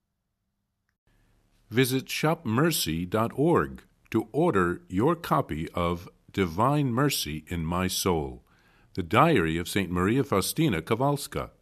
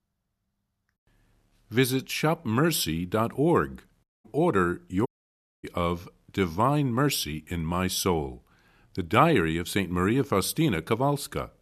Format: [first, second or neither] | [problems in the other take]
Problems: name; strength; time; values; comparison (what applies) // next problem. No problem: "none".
first | audio cutting out; at 4 s and at 5 s for 0.5 s